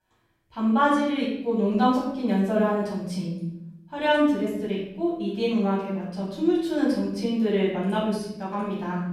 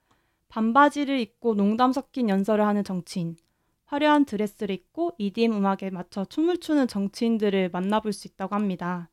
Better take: second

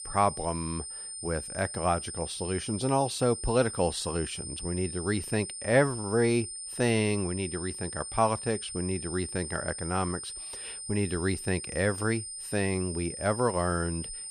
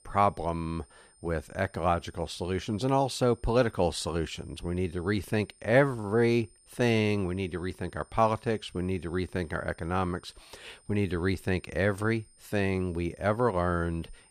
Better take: second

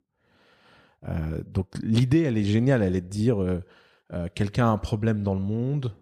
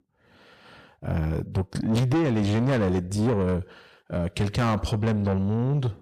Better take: first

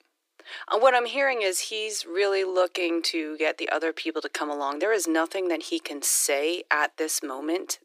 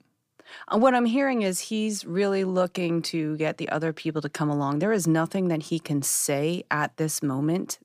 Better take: second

